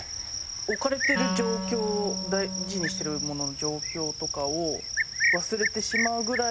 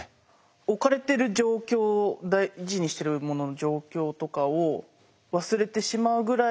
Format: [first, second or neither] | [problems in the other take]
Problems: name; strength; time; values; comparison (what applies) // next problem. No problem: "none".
second | background sound (Cricket + Wind instrument, woodwind instrument); 1 dB above the speech